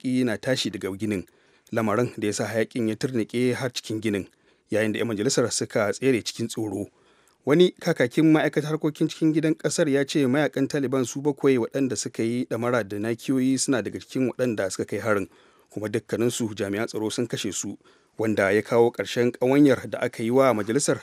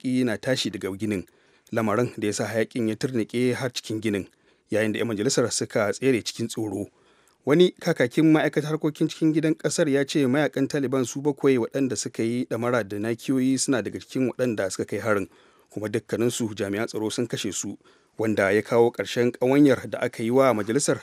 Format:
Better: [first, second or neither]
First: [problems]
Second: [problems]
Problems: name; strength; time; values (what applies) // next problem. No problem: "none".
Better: neither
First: none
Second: none